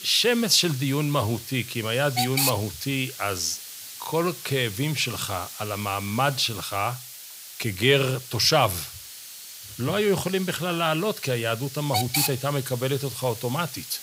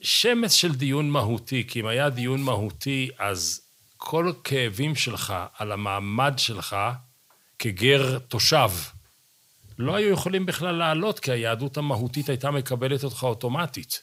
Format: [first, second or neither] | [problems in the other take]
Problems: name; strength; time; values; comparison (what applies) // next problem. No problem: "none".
second | hiss; loud; throughout; 8 dB below the speech; faint in the second